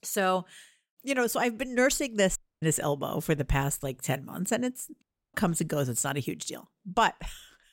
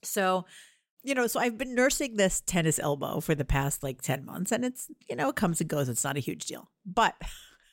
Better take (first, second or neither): second